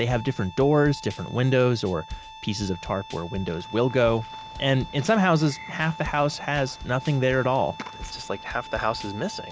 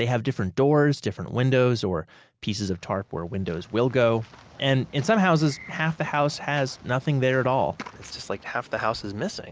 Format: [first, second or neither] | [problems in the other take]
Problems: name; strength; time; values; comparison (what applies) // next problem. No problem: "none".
second | background sound (Bowed string instrument + Drum kit); 15 dB below the speech